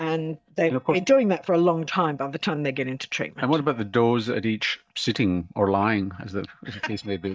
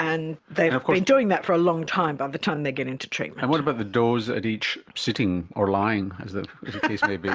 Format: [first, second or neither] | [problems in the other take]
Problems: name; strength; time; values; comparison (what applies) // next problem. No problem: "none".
second | noise reduction (neural mask model DeepFilterNet 3)